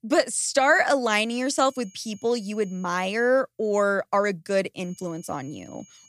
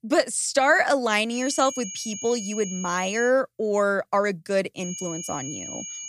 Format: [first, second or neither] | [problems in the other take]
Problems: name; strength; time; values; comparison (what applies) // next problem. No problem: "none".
first | high-pitched whine; loud; from 1.5 to 3.5 s and from 5 s on; 6.5 kHz, 10 dB below the speech; faint in the first